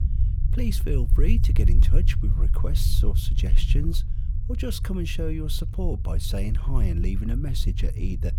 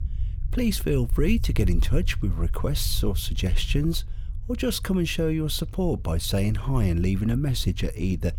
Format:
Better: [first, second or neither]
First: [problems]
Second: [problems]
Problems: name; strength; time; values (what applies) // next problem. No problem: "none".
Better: second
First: low rumble; loud; throughout; 8 dB below the speech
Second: low rumble; faint; throughout; 20 dB below the speech